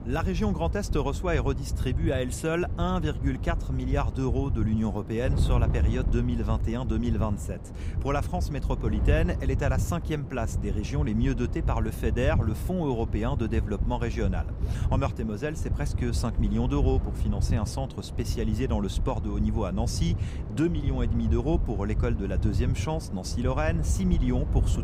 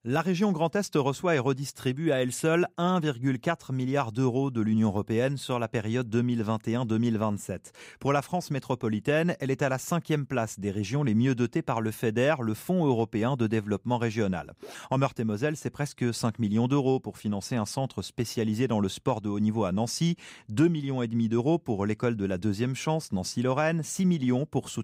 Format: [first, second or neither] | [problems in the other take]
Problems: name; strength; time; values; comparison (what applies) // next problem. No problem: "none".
second | wind noise on the microphone; occasional gusts; 10 dB below the speech